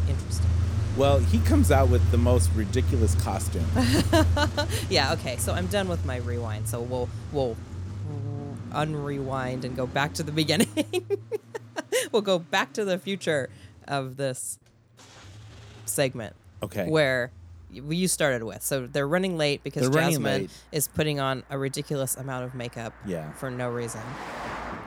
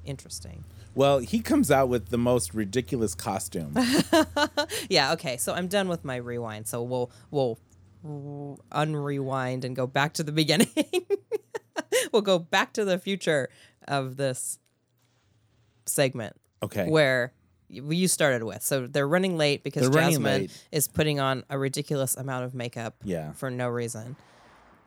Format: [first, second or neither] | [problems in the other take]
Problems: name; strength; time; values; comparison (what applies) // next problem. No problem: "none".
second | traffic noise; loud; throughout; 2 dB below the speech; faint in the second